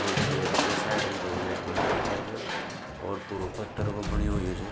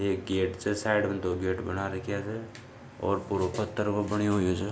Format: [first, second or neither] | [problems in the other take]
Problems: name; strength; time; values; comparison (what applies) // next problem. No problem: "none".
second | background sound (Crushing); 4 dB above the speech